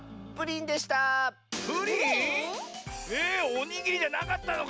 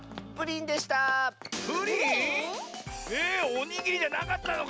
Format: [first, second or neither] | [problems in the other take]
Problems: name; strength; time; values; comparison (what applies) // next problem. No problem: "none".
first | background sound (Run); 17 dB below the speech